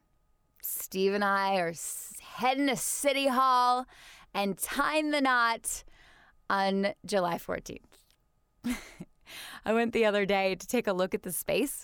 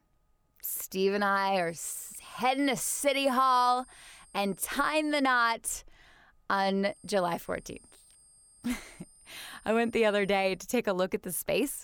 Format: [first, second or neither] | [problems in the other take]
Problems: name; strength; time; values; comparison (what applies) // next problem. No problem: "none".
first | high-pitched whine; faint; from 1.5 to 5 s and from 7 to 11 s; 8.5 kHz, 25 dB below the speech